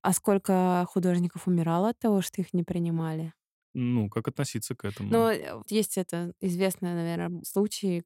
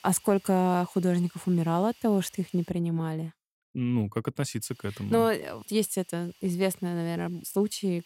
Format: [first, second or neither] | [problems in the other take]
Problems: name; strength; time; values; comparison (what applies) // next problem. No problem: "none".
first | hiss; faint; until 2.5 s and from 4.5 s on; 25 dB below the speech